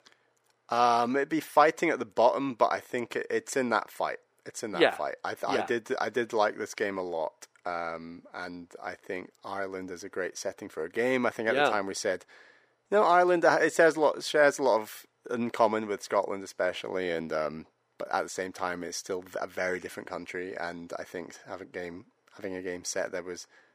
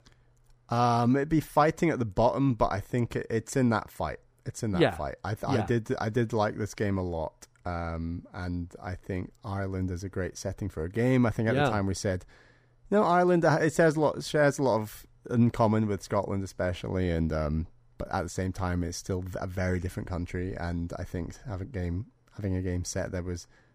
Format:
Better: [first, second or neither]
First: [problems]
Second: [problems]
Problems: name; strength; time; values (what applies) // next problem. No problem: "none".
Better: second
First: thin; somewhat; fading below 450 Hz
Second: none